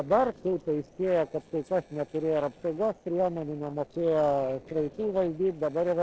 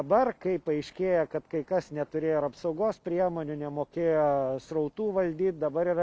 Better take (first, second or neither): second